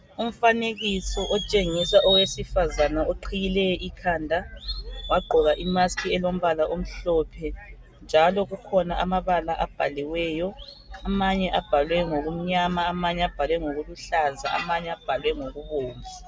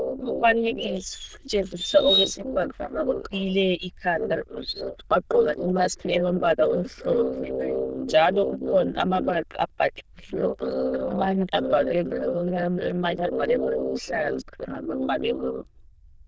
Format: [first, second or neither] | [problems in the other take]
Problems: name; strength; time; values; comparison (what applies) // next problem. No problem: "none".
first | noise reduction (neural diffusion model UNIVERSE++)